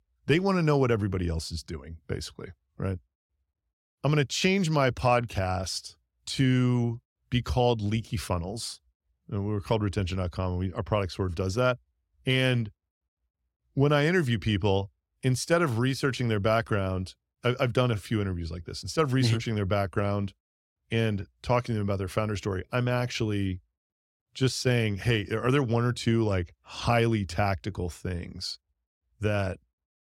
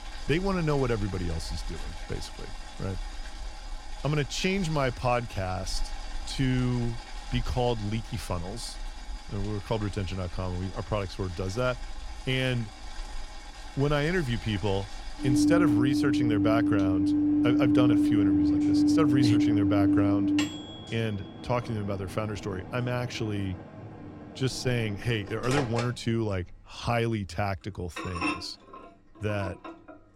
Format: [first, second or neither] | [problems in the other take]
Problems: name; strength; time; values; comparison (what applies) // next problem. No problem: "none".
first | household noises; very loud; throughout; 4 dB above the speech